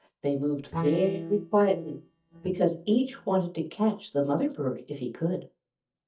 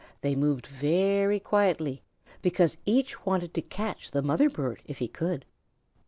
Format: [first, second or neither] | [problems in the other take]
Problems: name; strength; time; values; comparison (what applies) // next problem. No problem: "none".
second | noise reduction (neural mask model DeepFilterNet 3)